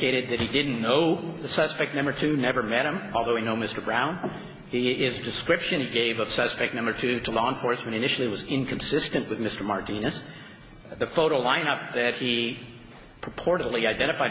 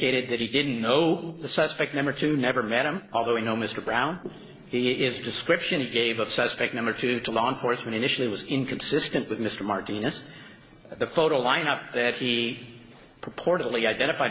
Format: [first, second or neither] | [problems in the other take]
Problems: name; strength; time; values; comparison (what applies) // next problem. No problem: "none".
first | noise reduction (neural separator model SepFormer DNS4)